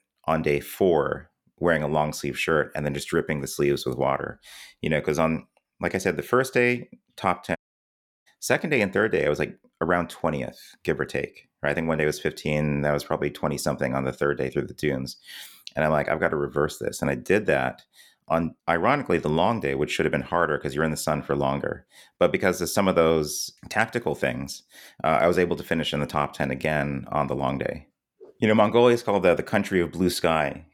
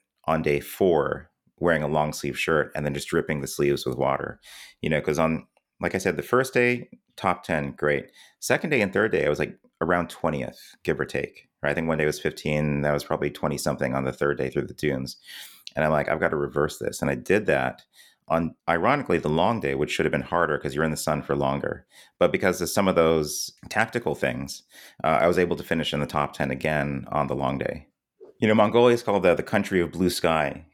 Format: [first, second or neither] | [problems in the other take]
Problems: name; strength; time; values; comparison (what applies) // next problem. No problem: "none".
second | audio cutting out; at 7.5 s for 0.5 s